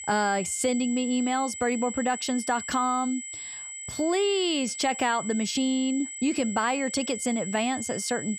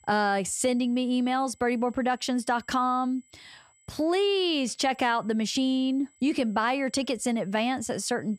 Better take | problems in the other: second | high-pitched whine; loud; throughout; 8 kHz, 8 dB below the speech; faint in the second

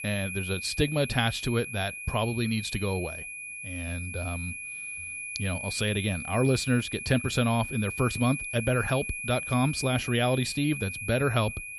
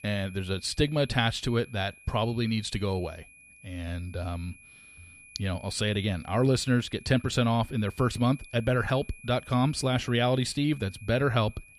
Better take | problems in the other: second | high-pitched whine; loud; throughout; 2.5 kHz, 7 dB below the speech; faint in the second

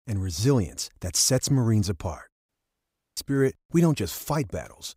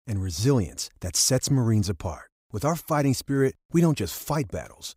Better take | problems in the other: second | audio cutting out; at 2.5 s for 0.5 s

